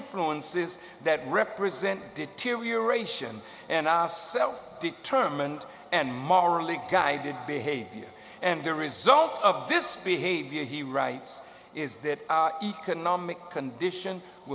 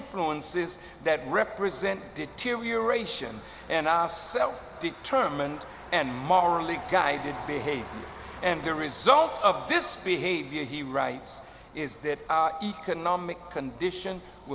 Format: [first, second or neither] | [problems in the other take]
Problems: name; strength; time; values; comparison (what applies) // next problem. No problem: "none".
first | background sound (Motor vehicle (road)); 19 dB below the speech